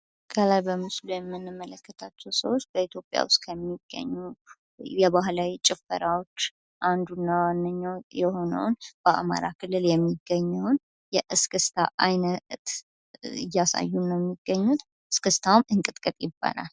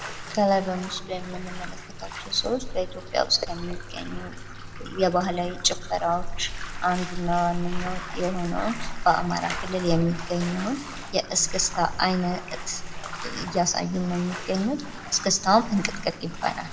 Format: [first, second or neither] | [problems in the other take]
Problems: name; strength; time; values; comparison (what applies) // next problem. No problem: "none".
first | background sound (Bathtub (filling or washing)); 6 dB below the speech // room echo; dies away in 1.2 s